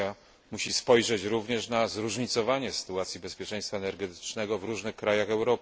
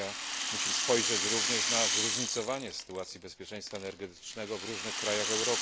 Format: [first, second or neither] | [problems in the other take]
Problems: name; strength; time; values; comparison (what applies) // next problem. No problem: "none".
first | background sound (Rattle); 3 dB above the speech